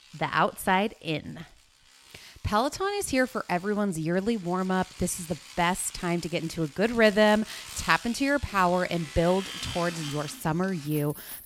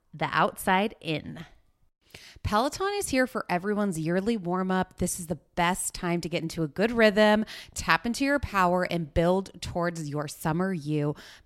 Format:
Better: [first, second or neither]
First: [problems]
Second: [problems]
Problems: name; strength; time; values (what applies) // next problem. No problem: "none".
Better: second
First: household noises; noticeable; throughout; 15 dB below the speech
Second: none